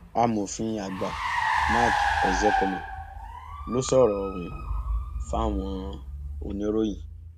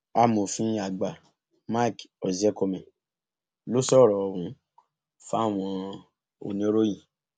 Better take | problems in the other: second | background sound (Car); as loud as the speech

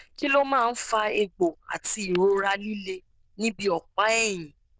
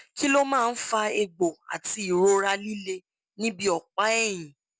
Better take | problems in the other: second | noise reduction (neural diffusion model UNIVERSE++)

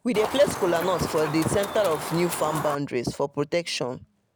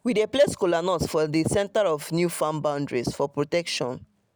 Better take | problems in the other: second | background sound (Chicken, rooster); 7 dB below the speech

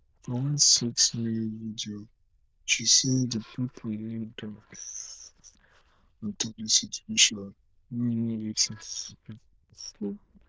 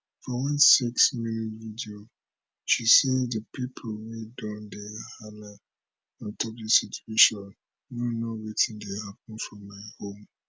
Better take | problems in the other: second | noise reduction (neural diffusion model UNIVERSE++)

